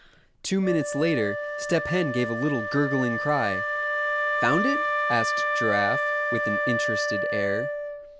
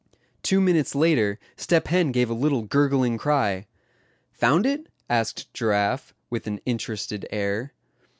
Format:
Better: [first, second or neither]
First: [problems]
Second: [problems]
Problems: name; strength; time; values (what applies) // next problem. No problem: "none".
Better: second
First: background sound (Wind instrument, woodwind instrument); 1 dB above the speech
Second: none